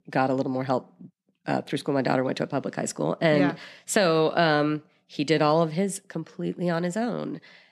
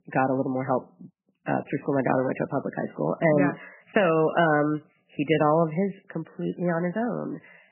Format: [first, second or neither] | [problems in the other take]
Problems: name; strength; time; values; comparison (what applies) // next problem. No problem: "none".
first | garbled, watery; badly; nothing above 3 kHz